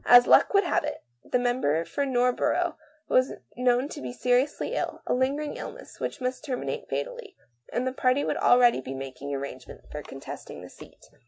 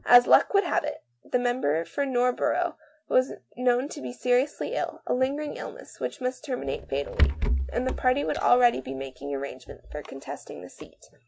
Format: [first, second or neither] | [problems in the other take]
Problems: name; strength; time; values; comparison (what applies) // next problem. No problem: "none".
first | background sound (Rattle / Breathing); 3 dB below the speech